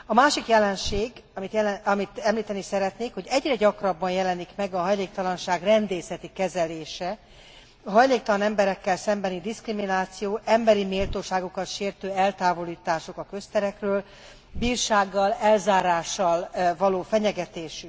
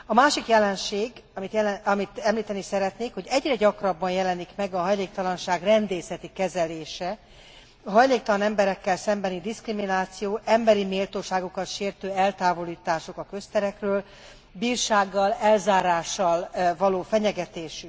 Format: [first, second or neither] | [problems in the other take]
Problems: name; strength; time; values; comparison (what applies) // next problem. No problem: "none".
second | background sound (Bird); 16 dB below the speech